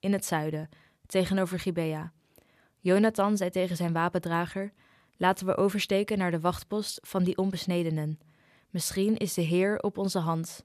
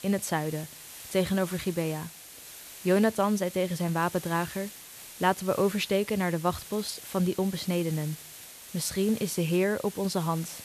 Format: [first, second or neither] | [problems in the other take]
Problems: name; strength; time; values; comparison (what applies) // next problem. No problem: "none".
first | hiss; noticeable; throughout; 15 dB below the speech